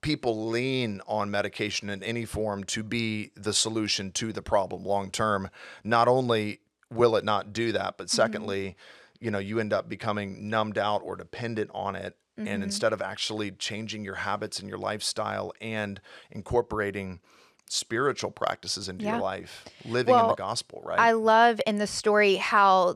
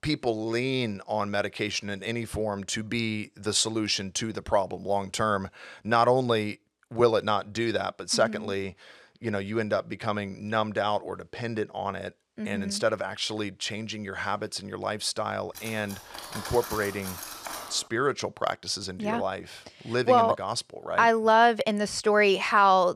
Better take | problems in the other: first | clattering dishes; noticeable; from 16 to 18 s; peak 9 dB below the speech

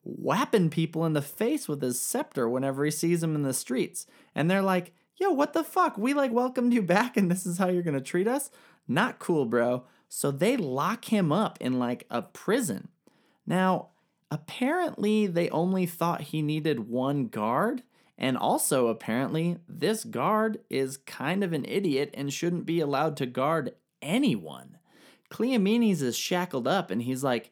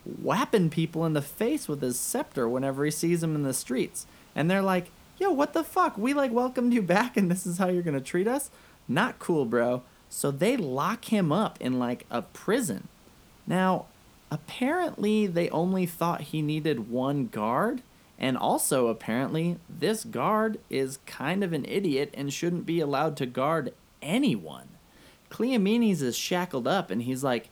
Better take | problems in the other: first | hiss; faint; throughout; 30 dB below the speech

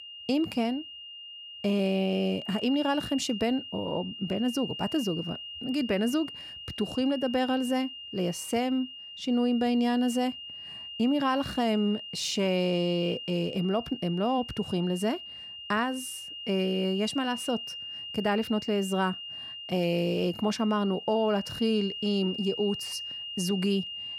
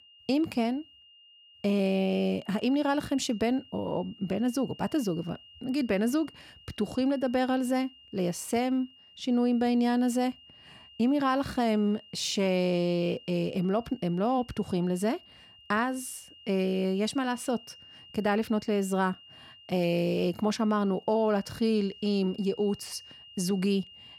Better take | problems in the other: second | high-pitched whine; loud; throughout; 3 kHz, 9 dB below the speech; faint in the second

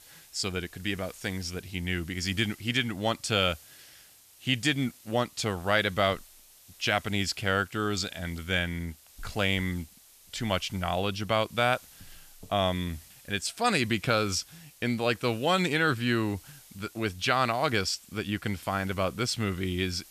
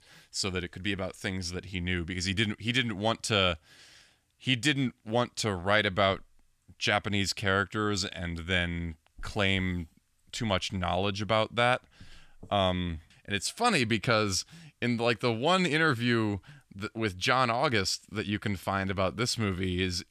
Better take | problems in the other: second | hiss; faint; throughout; 25 dB below the speech

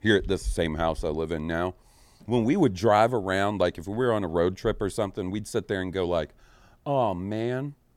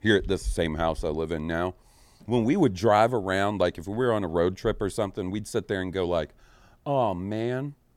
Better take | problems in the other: neither | none

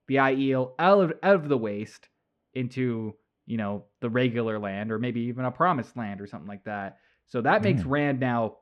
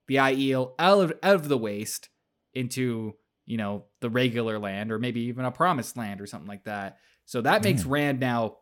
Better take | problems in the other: second | muffled; slightly; fading above 2.5 kHz

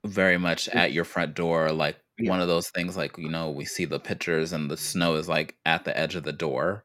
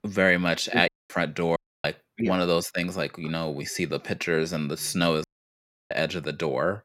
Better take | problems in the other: first | audio cutting out; at 1 s, at 1.5 s and at 5 s for 0.5 s

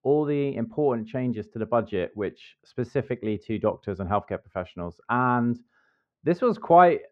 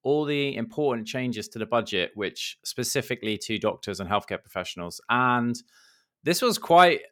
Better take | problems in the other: second | muffled; very; fading above 1 kHz

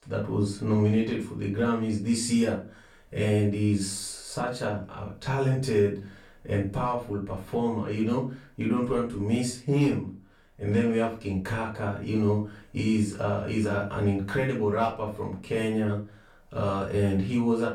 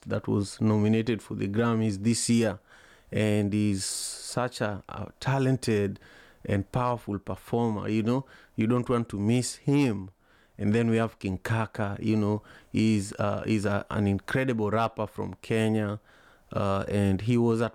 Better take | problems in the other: second | off-mic speech; far // room echo; slight; dies away in 0.3 s

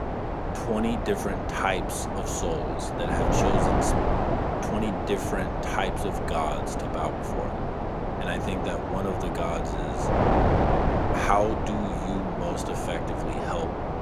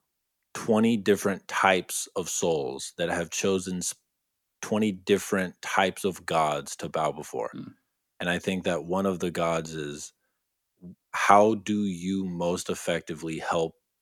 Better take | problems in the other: second | wind noise on the microphone; heavy; 2 dB above the speech

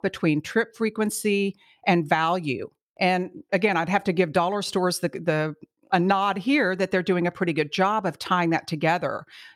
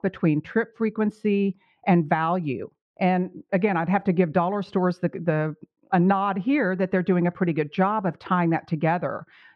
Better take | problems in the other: first | muffled; very; fading above 2 kHz

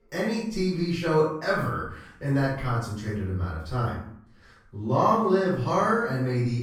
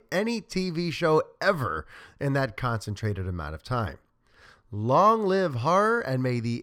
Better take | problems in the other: second | off-mic speech; far // room echo; noticeable; dies away in 0.6 s

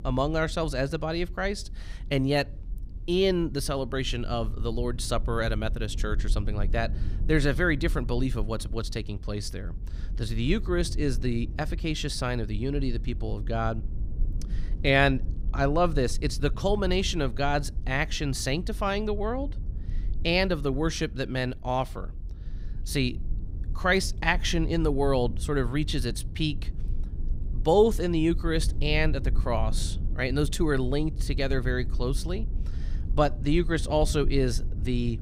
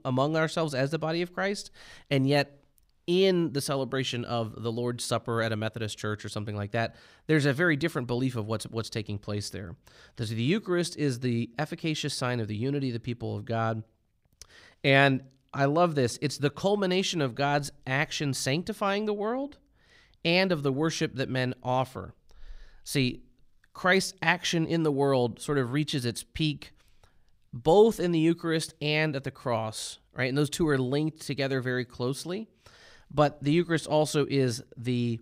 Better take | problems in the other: second | low rumble; faint; throughout; 20 dB below the speech

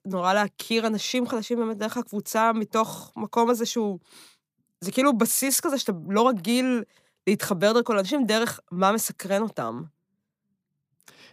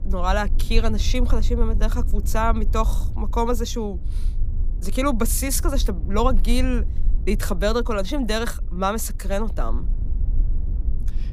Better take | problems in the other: first | low rumble; faint; throughout; 20 dB below the speech

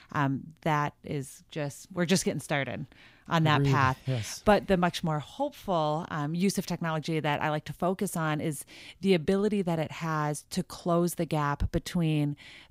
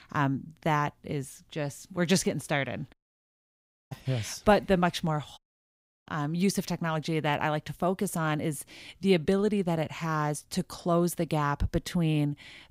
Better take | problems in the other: first | audio cutting out; at 3 s for 1 s and at 5.5 s for 0.5 s

